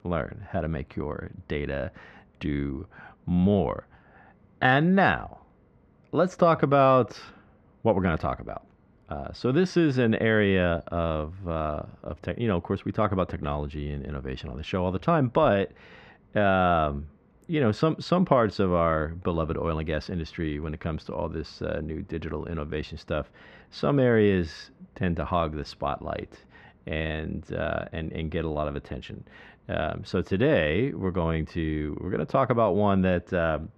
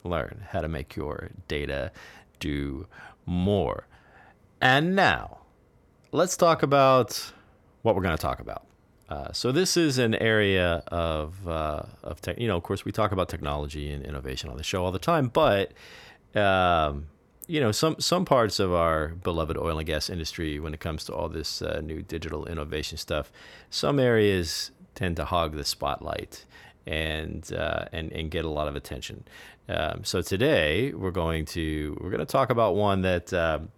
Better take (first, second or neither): second